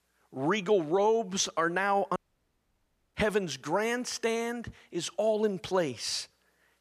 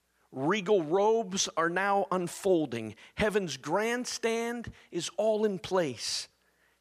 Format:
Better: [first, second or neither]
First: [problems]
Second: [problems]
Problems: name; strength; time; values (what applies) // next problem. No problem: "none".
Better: second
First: audio cutting out; at 2 s for 1 s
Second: none